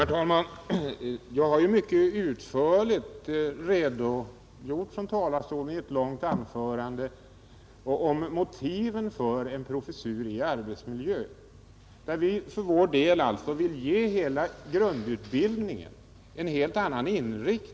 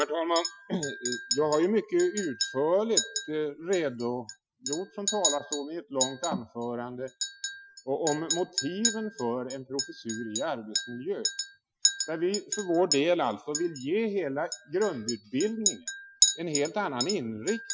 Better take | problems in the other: first | noise reduction (classical method Wiener filter)

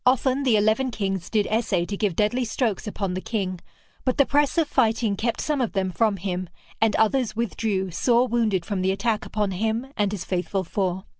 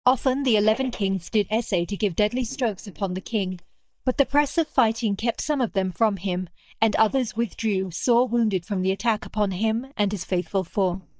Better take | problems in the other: first | noise reduction (neural mask model DeepFilterNet 3)

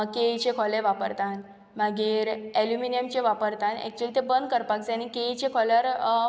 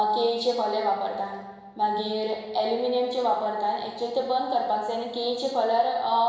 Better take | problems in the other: first | room echo; dies away in 1 s

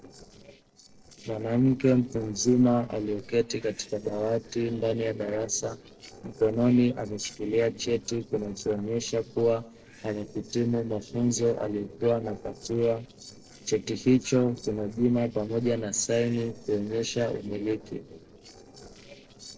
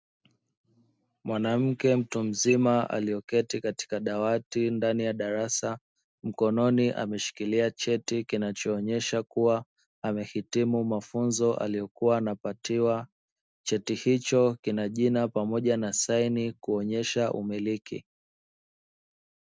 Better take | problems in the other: second | noise reduction (neural separator model SepFormer DNS4)

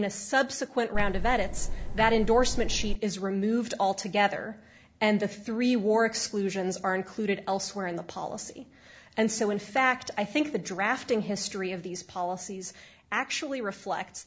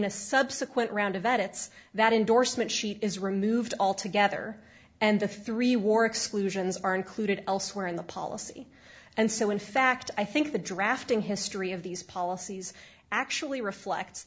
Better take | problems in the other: second | background sound (Tick-tock); 1 dB above the speech

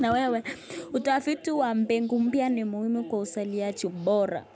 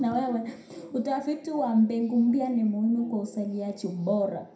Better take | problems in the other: first | room echo; dies away in 0.4 s

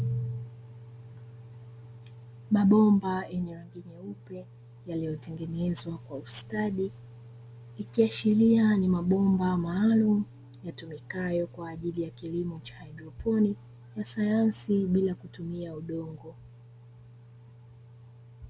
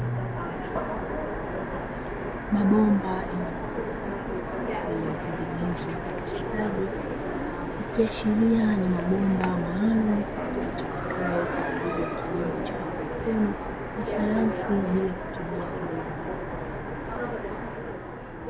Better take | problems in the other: first | background sound (Train); 2 dB below the speech

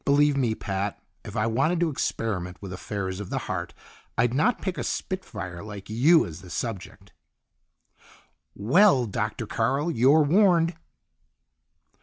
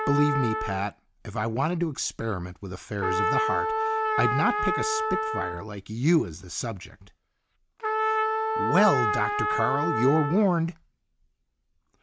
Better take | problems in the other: first | background sound (Trumpet); 1 dB below the speech

